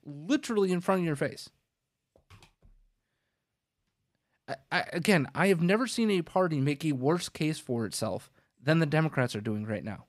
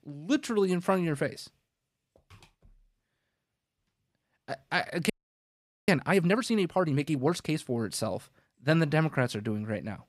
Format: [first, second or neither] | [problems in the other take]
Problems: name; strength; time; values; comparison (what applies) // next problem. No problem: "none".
first | audio freezing; at 5 s for 1 s